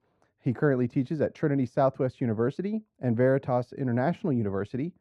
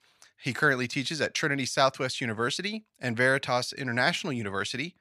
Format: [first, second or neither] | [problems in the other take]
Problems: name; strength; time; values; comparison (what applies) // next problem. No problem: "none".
second | muffled; very; fading above 1.5 kHz